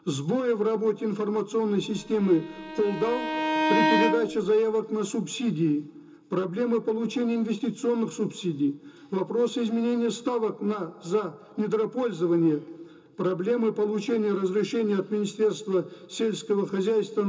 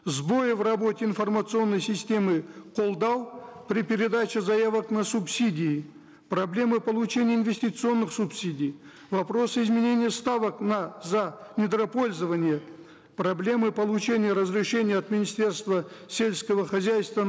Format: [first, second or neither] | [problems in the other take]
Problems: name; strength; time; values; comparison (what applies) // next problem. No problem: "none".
second | background sound (Bowed string instrument); 2 dB below the speech // room echo; dies away in 0.2 s